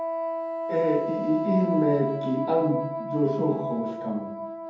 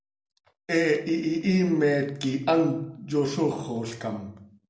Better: second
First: background sound (Wind instrument, woodwind instrument); 4 dB below the speech // room echo; dies away in 0.5 s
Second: none

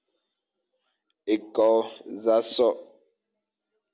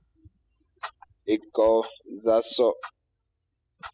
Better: first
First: none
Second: noise reduction (classical method spectral subtraction)

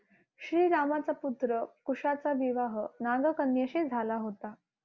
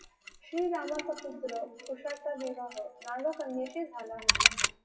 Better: first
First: none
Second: noise reduction (classical method WPE with log-MMSE)

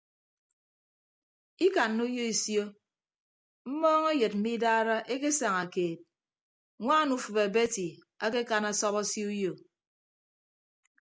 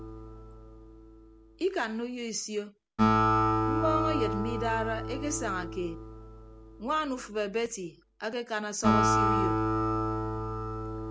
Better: first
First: none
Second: background sound (Acoustic guitar); 4 dB above the speech

